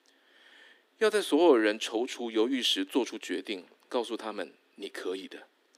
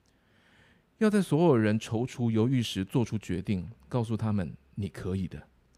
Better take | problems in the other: second | thin; somewhat; fading below 300 Hz

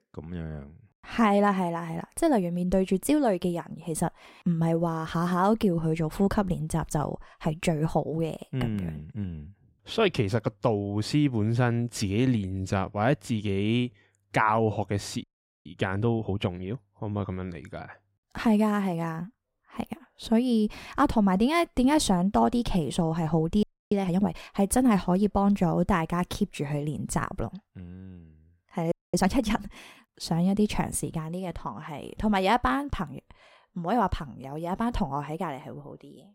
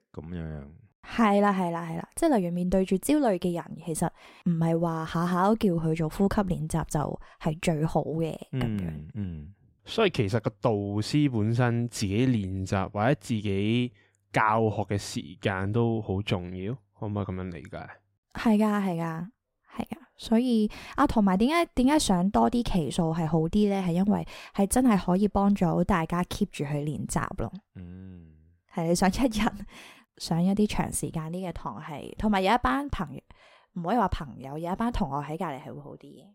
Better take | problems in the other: second | audio freezing; at 15 s, at 24 s and at 29 s

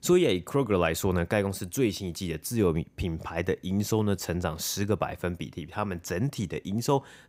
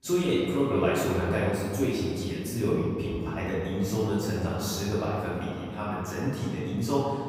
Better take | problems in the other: first | room echo; strong; dies away in 2.5 s // off-mic speech; far

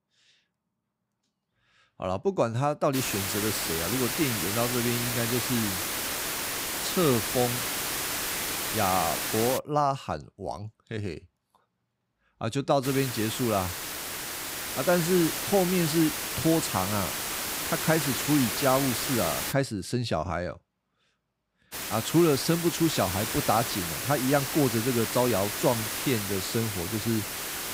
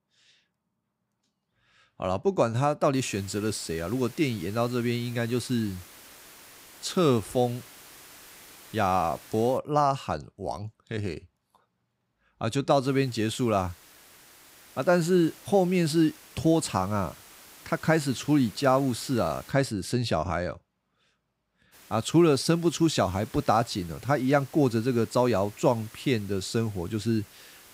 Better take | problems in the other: second | hiss; loud; from 3 to 9.5 s, from 13 to 20 s and from 22 s on; 2 dB below the speech; faint in the second

